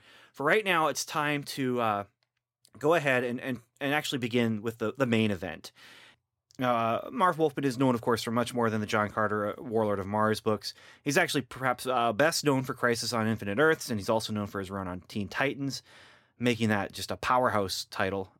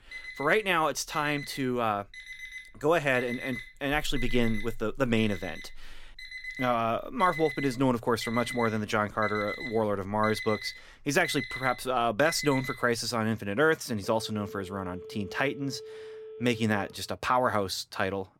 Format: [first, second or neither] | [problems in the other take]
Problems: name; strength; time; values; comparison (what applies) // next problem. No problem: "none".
first | alarms or sirens; noticeable; throughout; 10 dB below the speech